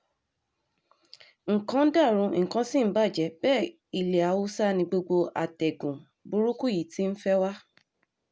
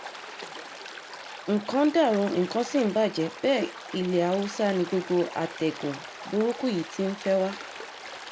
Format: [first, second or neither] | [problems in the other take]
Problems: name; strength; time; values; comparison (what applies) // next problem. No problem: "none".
first | background sound (Stream); 13 dB below the speech